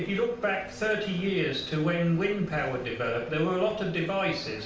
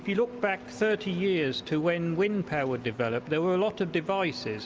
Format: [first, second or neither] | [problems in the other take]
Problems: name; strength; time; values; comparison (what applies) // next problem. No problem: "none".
second | room echo; dies away in 0.5 s